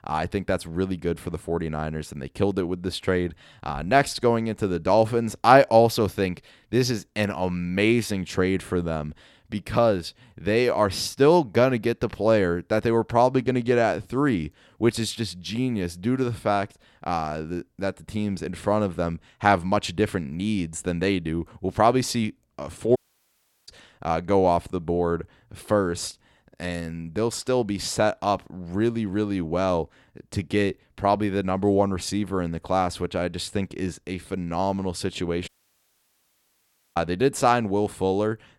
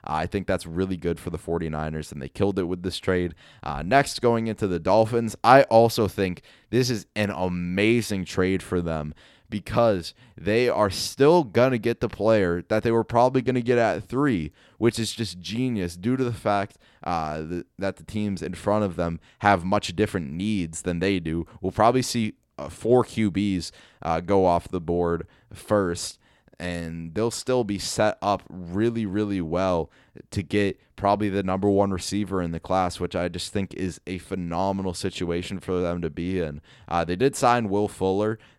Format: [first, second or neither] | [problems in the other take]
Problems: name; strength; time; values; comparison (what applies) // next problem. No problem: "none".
second | audio cutting out; at 23 s for 0.5 s and at 35 s for 1.5 s